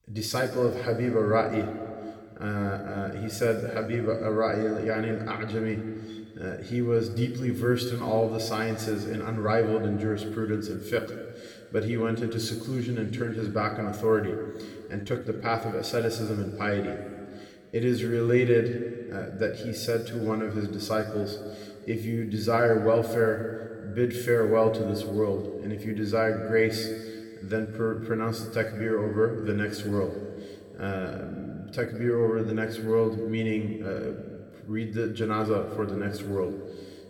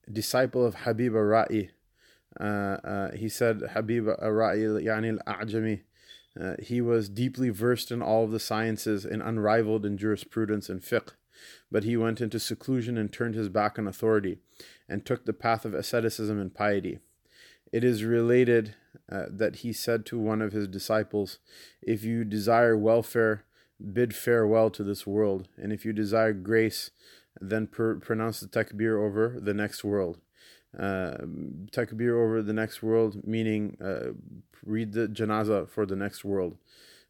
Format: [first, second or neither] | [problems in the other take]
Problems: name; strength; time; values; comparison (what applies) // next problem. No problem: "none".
second | room echo; noticeable; dies away in 1.8 s // off-mic speech; somewhat distant